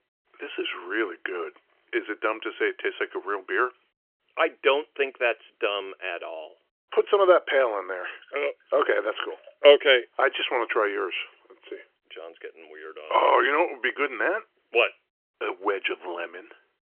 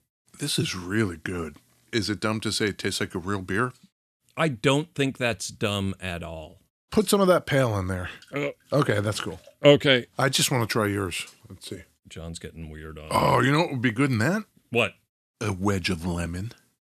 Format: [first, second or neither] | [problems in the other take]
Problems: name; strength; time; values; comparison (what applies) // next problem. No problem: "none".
second | phone-call audio; nothing above 3 kHz